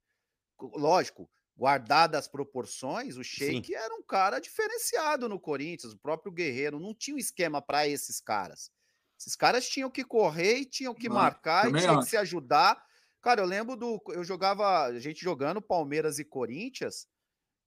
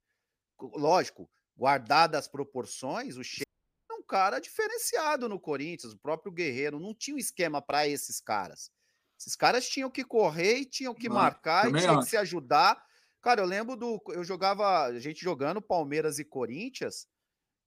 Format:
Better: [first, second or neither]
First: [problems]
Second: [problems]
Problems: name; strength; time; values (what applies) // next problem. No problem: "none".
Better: first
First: none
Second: audio cutting out; at 3.5 s